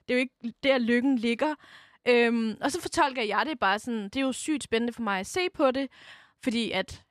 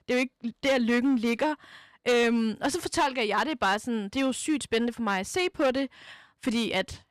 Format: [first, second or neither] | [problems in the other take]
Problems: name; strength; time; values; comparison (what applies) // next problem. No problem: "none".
first | distortion; slight; 7% of the sound clipped